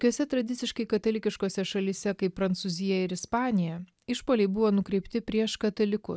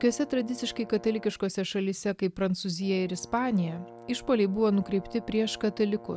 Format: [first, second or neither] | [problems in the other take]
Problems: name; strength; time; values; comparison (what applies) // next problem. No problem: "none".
first | background sound (Brass instrument); 19 dB below the speech